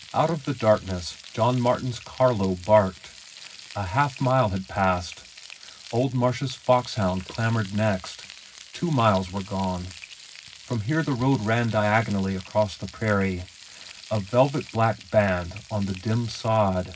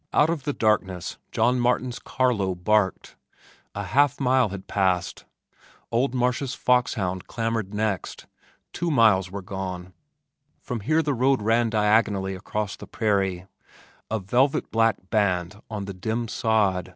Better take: second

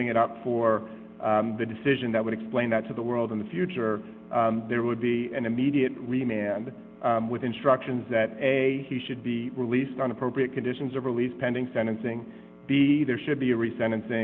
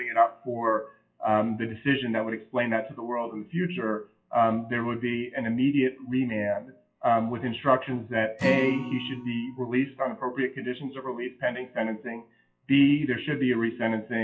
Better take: first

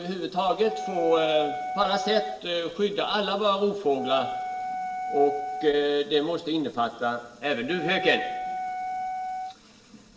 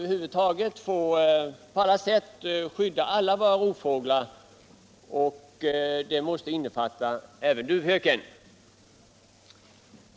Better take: second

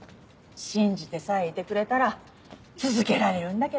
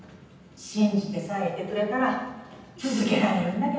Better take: first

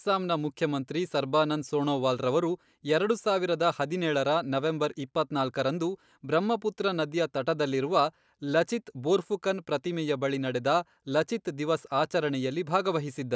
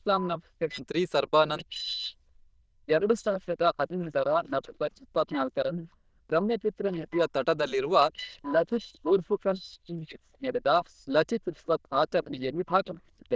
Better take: first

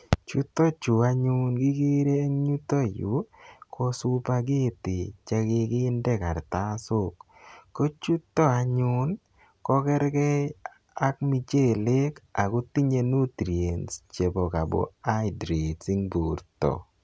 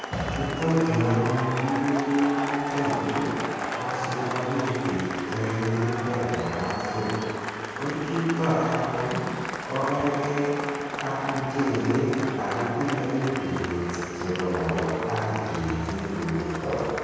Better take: first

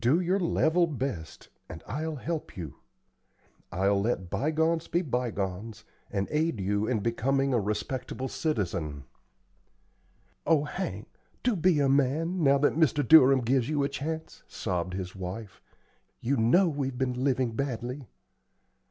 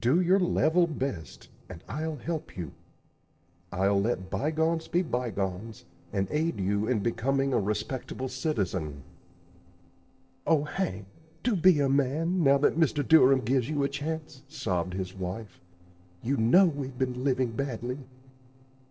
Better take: first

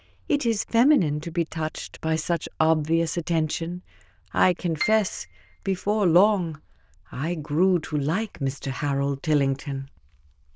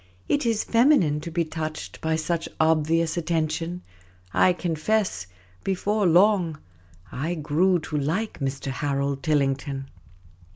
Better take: second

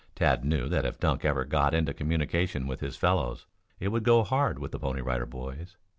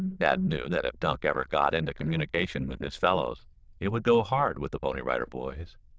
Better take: first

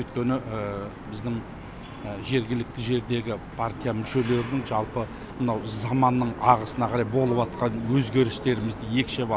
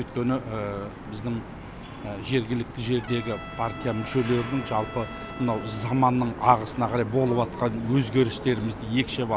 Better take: first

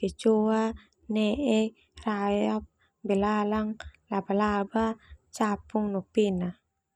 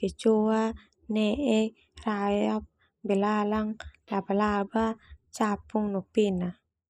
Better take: first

